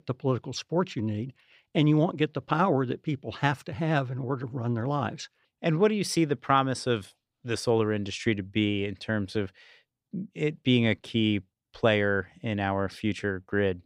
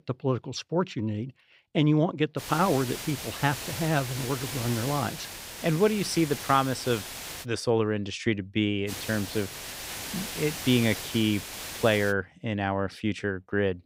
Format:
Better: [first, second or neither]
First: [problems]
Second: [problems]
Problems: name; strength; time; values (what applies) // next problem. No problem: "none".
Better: first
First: none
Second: hiss; loud; from 2.5 to 7.5 s and from 9 to 12 s; 8 dB below the speech